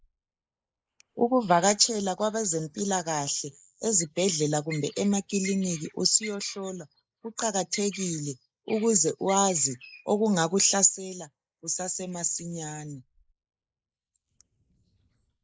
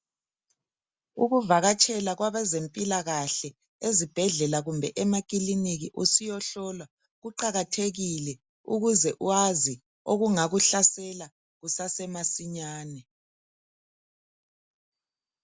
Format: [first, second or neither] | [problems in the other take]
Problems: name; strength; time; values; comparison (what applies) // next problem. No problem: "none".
second | noise reduction (neural mask model Resemble Enhance denoiser)